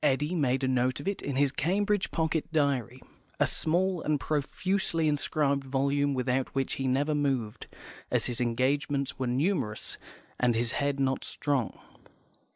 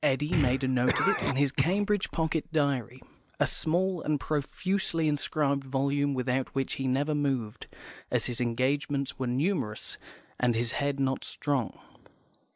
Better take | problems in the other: first | background sound (Cough); 5 dB below the speech

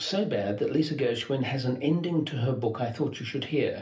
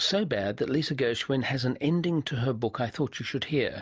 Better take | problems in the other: second | room echo; dies away in 0.3 s

